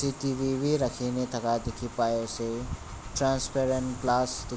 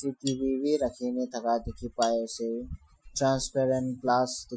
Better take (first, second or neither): first